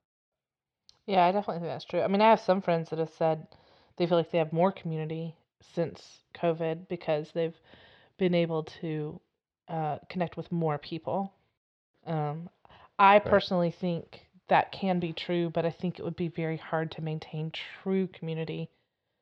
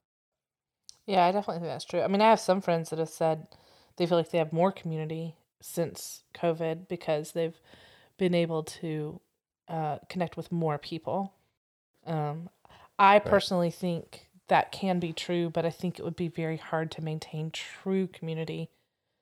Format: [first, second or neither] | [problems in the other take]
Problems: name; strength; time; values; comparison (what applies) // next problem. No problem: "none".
second | muffled; very slightly; fading above 4 kHz